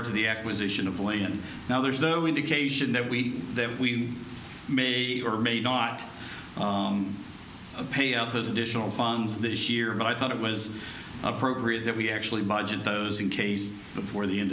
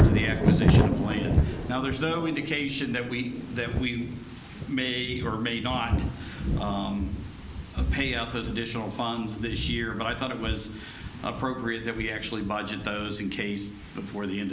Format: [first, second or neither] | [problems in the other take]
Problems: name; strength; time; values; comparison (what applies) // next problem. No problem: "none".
first | background sound (Thunder); 2 dB above the speech